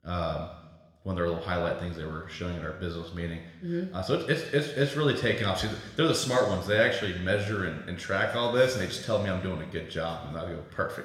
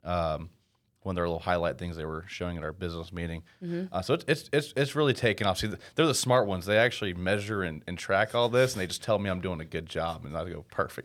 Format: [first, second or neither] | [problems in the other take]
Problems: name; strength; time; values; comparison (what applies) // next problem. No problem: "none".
second | room echo; slight; dies away in 1.1 s